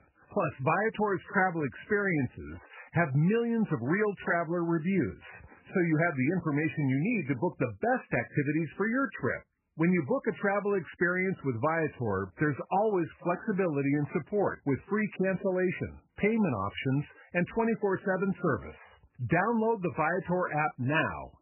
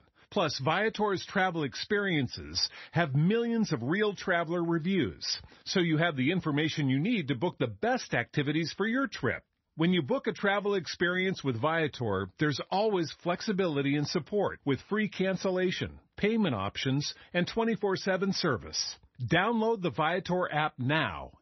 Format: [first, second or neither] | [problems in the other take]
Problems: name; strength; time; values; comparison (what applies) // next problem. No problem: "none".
second | garbled, watery; badly; nothing above 2.5 kHz; slightly in the second